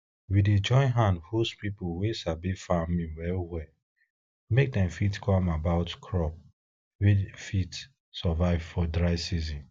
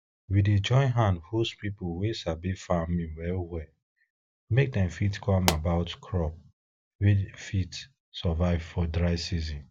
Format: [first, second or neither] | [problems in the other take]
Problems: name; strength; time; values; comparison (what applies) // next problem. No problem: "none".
first | background sound (Explosion); 7 dB below the speech